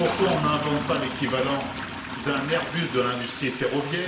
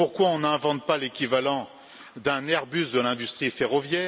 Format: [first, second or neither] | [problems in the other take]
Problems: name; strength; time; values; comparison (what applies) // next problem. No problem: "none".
second | background sound (Toilet flush); 6 dB below the speech // room echo; dies away in 0.8 s